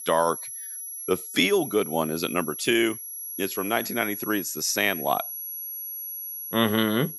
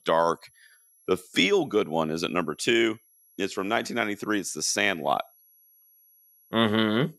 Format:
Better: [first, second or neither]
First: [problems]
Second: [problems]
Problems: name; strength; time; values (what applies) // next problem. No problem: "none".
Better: second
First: high-pitched whine; loud; throughout; 11.5 kHz, 8 dB below the speech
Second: high-pitched whine; faint; throughout; 11.5 kHz, 30 dB below the speech